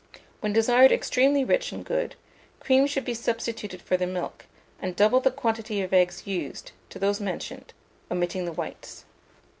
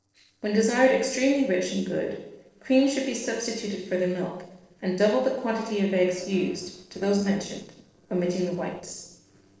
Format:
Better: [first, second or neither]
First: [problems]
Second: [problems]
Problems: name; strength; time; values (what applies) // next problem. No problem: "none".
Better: first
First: none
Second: noise reduction (neural separator model SepFormer DNS4)